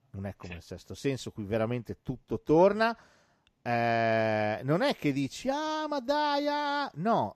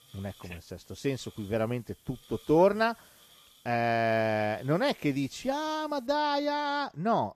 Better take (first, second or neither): first